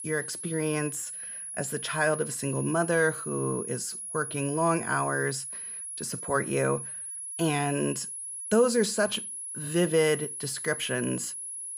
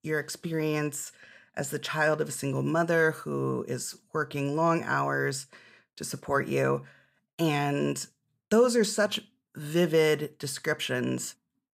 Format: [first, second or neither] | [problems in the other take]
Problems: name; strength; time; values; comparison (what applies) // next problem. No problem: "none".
second | high-pitched whine; loud; throughout; 10.5 kHz, 6 dB below the speech